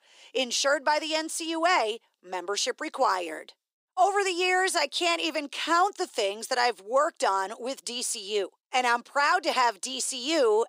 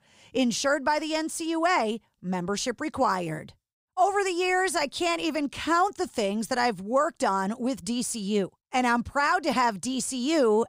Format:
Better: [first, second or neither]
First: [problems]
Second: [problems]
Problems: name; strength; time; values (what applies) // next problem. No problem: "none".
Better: second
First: thin; somewhat; fading below 350 Hz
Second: none